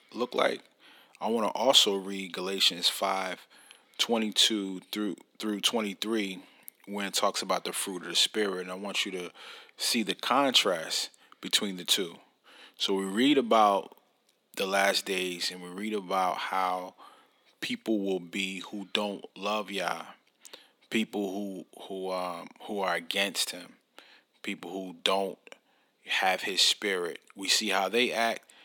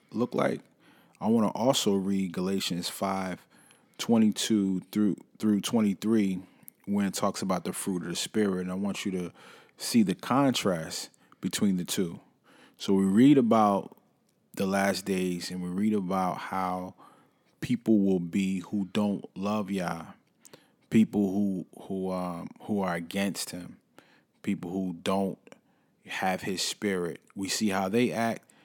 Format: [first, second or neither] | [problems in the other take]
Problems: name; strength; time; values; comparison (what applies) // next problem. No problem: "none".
second | thin; somewhat; fading below 400 Hz